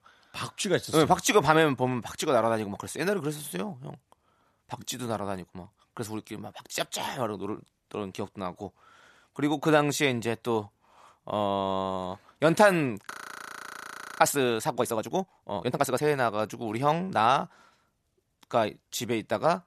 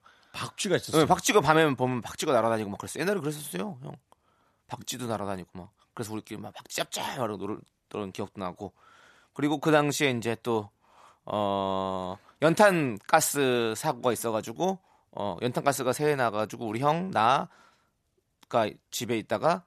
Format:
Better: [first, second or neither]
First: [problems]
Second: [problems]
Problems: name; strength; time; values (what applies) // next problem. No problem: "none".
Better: second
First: audio freezing; at 13 s for 1 s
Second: none